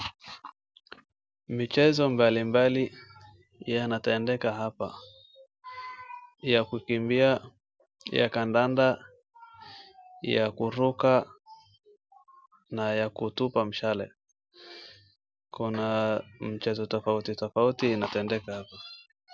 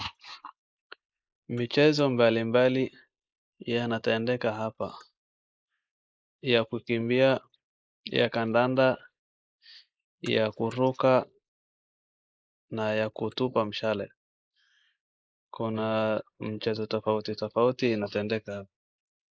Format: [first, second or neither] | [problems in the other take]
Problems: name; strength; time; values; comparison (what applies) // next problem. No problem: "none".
first | noise reduction (neural mask model Resemble Enhance denoiser)